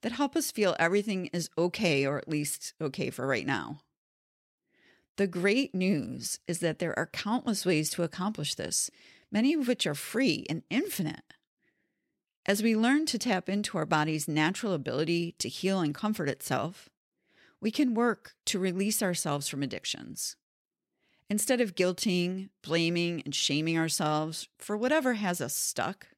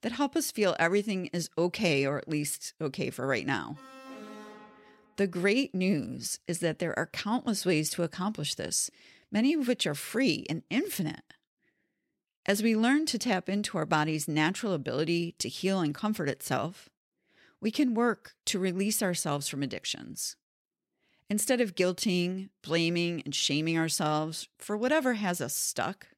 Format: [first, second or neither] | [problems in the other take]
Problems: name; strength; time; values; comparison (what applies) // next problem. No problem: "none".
first | alarm; faint; from 4 to 5 s; peak 15 dB below the speech